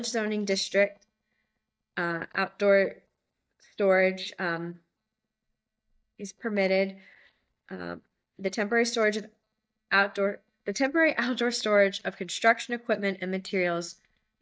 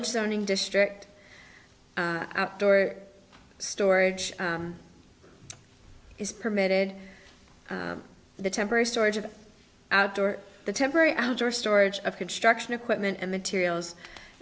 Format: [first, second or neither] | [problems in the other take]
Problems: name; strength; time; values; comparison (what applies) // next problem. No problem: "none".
second | noise reduction (neural mask model DeepFilterNet 3)